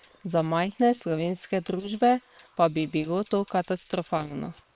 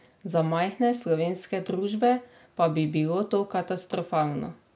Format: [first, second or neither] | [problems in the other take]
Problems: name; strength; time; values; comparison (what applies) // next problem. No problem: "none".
second | noise reduction (neural separator model SepFormer WHAM!)